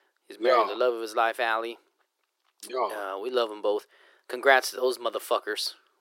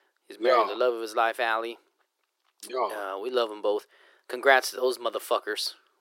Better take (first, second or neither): neither